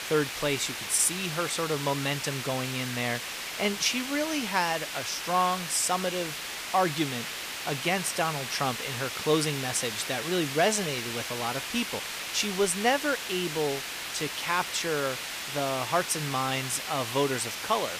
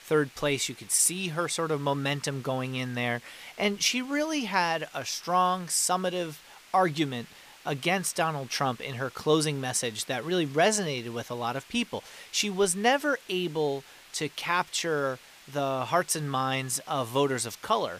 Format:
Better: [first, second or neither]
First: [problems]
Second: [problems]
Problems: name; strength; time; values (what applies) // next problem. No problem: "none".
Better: second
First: hiss; loud; throughout; 4 dB below the speech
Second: hiss; faint; throughout; 20 dB below the speech